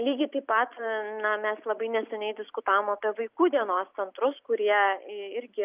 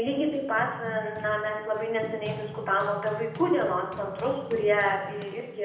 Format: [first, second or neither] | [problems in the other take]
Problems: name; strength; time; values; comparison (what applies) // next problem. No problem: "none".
first | background sound (Run); 13 dB below the speech // room echo; dies away in 0.8 s